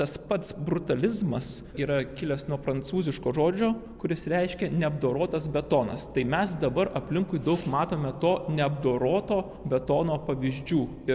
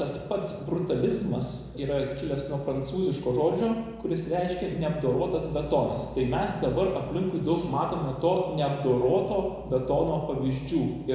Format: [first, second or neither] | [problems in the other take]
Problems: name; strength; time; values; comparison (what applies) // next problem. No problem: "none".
first | room echo; dies away in 1 s